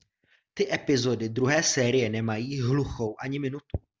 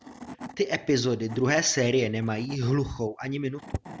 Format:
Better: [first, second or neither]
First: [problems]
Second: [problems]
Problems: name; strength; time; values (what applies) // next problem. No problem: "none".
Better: first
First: none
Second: background sound (Wood / Tools); 19 dB below the speech